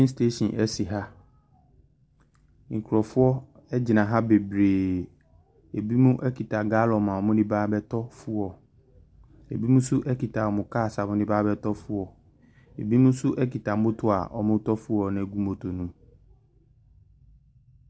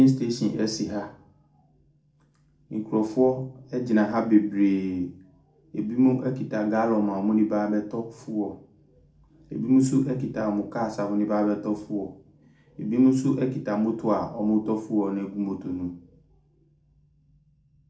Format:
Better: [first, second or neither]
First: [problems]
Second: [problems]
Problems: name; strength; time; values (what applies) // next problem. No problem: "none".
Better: first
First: none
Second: room echo; dies away in 0.4 s